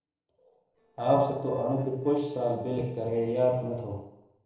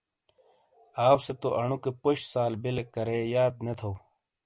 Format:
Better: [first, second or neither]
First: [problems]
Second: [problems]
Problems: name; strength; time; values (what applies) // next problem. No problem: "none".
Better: second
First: noise reduction (neural separator model SepFormer DNS4)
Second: none